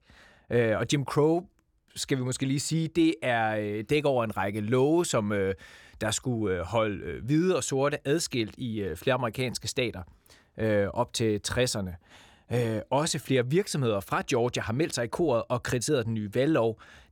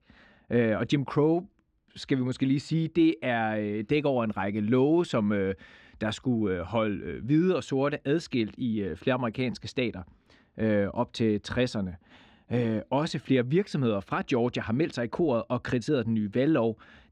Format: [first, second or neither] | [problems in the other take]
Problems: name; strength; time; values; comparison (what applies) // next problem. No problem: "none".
first | muffled; slightly; fading above 3.5 kHz